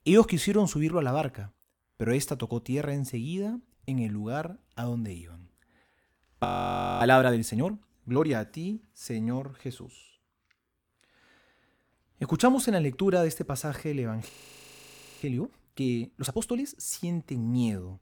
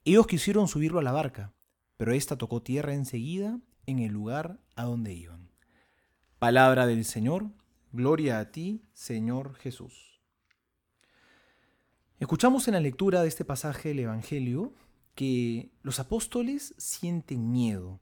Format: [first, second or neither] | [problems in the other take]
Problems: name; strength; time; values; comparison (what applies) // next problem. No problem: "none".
second | audio freezing; at 6.5 s for 0.5 s and at 14 s for 1 s